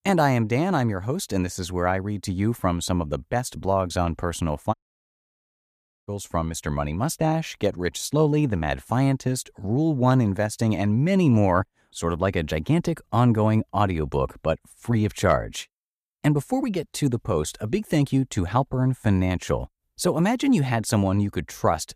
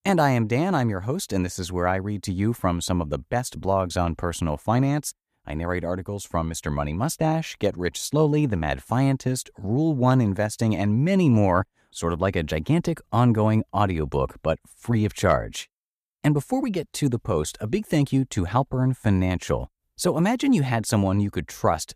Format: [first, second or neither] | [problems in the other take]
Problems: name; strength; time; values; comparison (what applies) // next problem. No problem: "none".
second | audio cutting out; at 4.5 s for 1.5 s